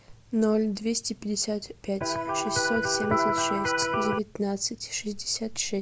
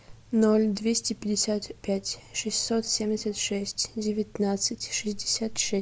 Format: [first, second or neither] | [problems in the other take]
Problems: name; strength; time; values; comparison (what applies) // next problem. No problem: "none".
second | background sound (Electric guitar); 2 dB above the speech